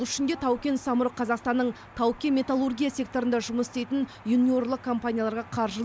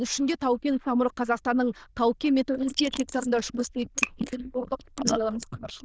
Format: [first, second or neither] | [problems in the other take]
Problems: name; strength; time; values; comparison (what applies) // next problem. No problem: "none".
first | noise reduction (neural diffusion model UNIVERSE++)